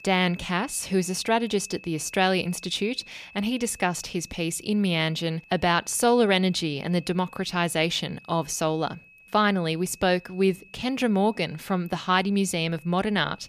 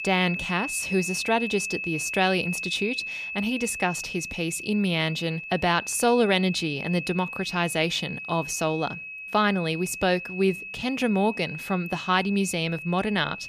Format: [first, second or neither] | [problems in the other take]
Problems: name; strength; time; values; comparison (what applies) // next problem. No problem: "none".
first | high-pitched whine; loud; throughout; 2.5 kHz, 7 dB below the speech; faint in the first